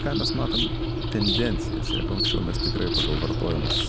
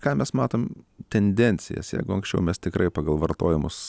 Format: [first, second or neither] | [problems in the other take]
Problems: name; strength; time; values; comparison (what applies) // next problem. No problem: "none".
second | background sound (Bird vocalization, bird call, bird song + Engine); 5 dB above the speech